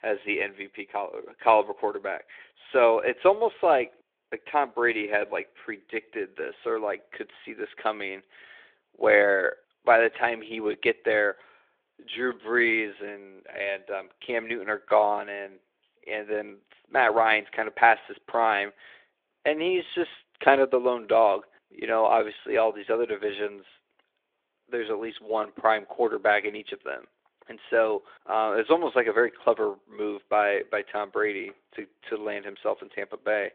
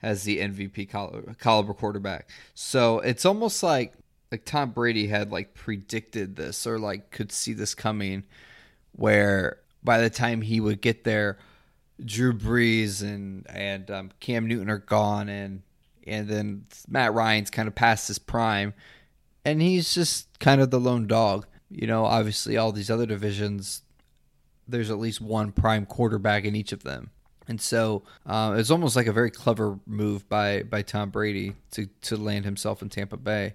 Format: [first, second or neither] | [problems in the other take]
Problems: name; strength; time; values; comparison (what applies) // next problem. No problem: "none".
second | phone-call audio